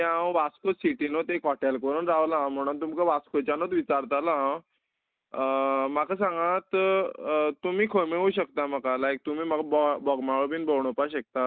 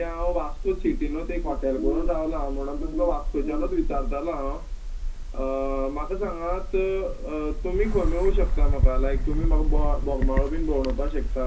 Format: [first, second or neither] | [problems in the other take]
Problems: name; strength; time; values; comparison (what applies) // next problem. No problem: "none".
first | background sound (Bird); 3 dB above the speech // room echo; dies away in 0.4 s